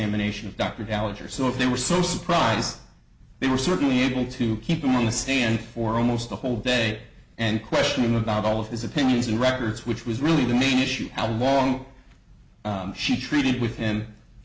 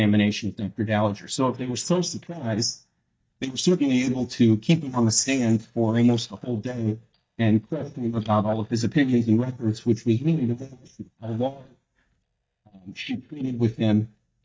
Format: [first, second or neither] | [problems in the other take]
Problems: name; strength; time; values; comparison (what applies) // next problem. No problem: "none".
first | noise reduction (neural mask model DeepFilterNet 3)